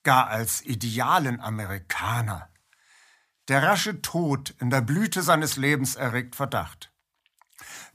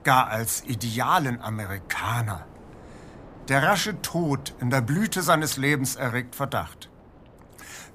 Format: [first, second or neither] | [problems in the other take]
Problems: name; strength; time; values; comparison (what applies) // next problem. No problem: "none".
first | wind noise on the microphone; occasional gusts; 25 dB below the speech